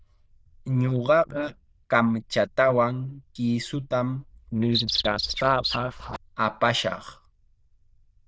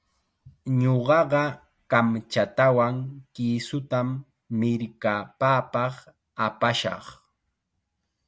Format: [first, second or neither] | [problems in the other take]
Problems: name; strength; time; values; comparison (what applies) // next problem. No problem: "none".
second | noise reduction (neural diffusion model UNIVERSE++)